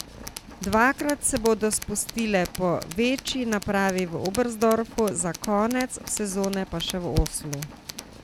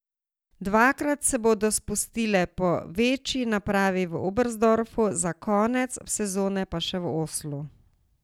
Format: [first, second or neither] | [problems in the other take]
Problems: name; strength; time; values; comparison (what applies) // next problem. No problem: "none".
second | background sound (Purr + Tools); 11 dB below the speech